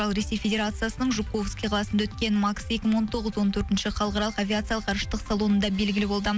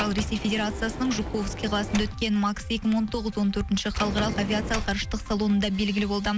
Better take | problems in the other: first | background sound (Sliding door); 10 dB below the speech

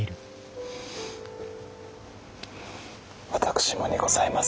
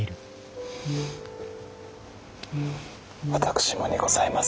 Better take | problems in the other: first | background sound (Brass instrument); 4 dB below the speech

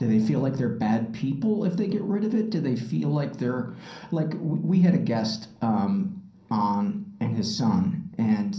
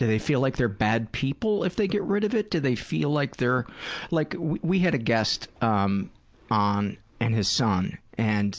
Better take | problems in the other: second | room echo; dies away in 0.6 s

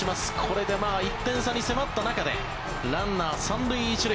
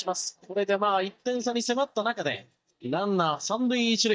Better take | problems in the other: first | noise reduction (neural mask model DeepFilterNet 3)

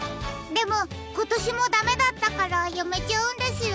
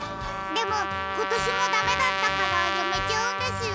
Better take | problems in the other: first | background sound (Trumpet); 1 dB above the speech

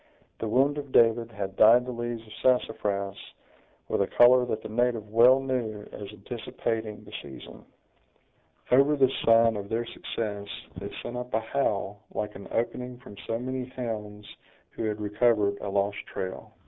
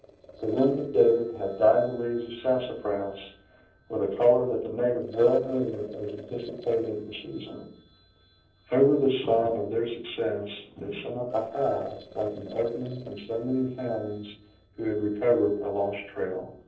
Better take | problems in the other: first | noise reduction (neural separator model SepFormer DNS4)

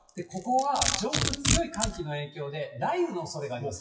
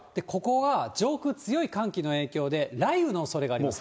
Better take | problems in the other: second | noise reduction (classical method WPE with log-MMSE)

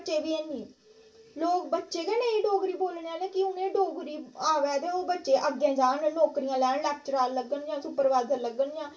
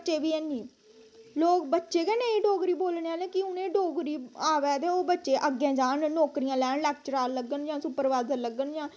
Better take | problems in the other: second | room echo; dies away in 0.2 s

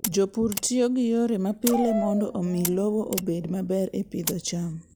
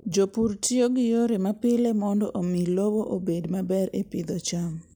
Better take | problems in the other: second | background sound (Mechanisms + Dog); 9 dB below the speech

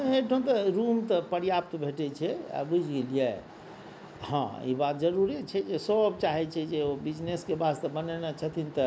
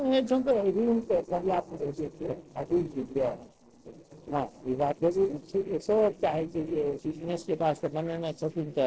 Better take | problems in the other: first | noise reduction (neural separator model SepFormer DNS4)

